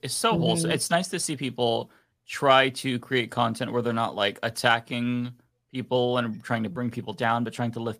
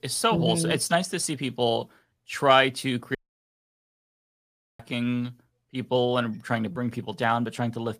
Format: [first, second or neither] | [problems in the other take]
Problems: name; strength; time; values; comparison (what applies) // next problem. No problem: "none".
first | audio cutting out; at 3 s for 1.5 s